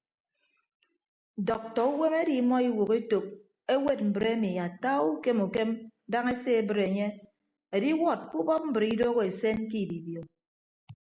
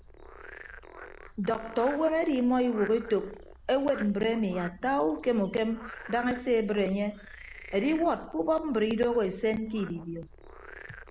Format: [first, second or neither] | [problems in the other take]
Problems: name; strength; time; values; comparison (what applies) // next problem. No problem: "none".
first | background sound (Frog); 17 dB below the speech